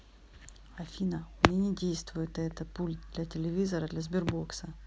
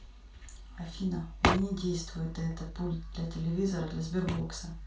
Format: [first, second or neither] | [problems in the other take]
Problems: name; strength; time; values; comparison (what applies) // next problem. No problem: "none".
first | room echo; dies away in 0.2 s